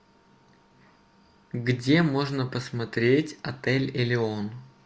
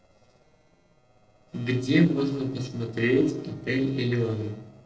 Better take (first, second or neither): first